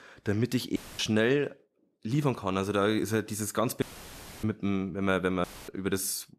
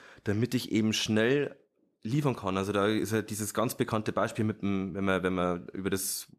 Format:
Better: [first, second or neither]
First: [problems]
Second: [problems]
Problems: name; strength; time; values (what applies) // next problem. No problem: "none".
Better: second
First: audio cutting out; filled with static; at 1 s, at 4 s for 0.5 s and at 5.5 s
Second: none